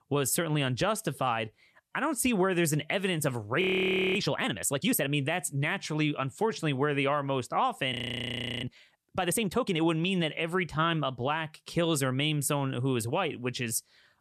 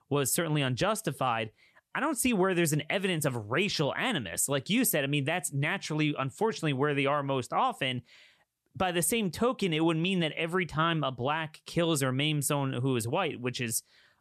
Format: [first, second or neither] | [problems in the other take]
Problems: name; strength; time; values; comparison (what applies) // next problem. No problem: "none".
second | audio freezing; at 3.5 s for 0.5 s and at 8 s for 0.5 s